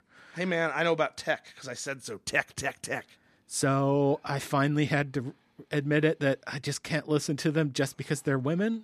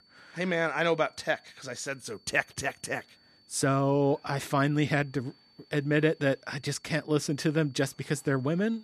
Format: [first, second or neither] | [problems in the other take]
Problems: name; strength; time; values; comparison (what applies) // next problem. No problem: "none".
first | high-pitched whine; faint; throughout; 4.5 kHz, 30 dB below the speech